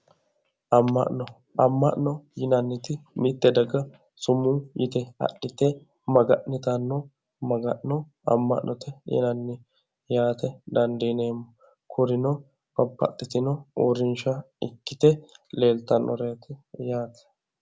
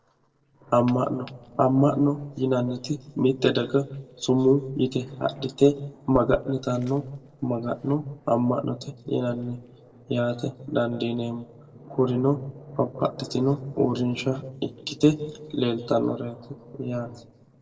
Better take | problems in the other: first | noise reduction (neural separator model SepFormer DNS4)

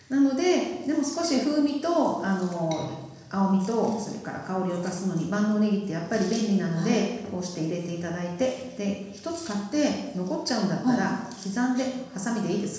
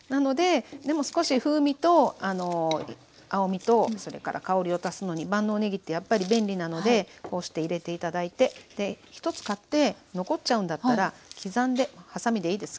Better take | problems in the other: second | room echo; dies away in 1.1 s

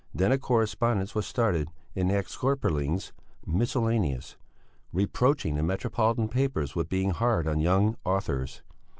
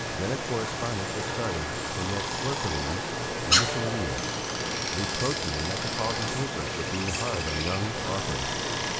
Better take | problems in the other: first | background sound (Stream); 4 dB above the speech

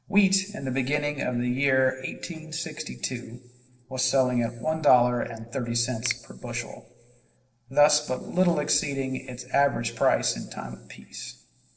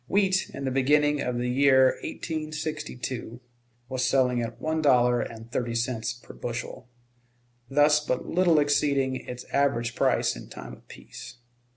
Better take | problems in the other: second | noise reduction (neural separator model SepFormer DNS4)

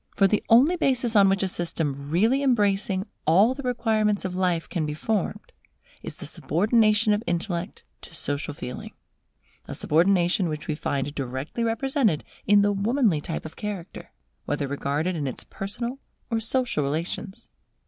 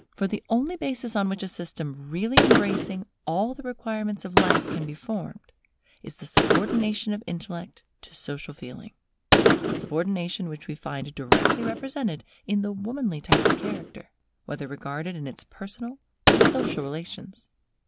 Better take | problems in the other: first | background sound (Gunshot, gunfire); 3 dB above the speech

